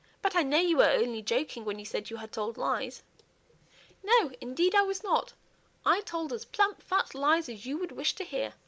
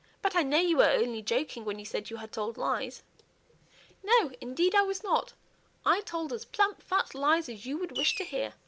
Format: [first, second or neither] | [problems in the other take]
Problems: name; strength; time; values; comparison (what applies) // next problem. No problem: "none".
first | background sound (Fireworks); 5 dB below the speech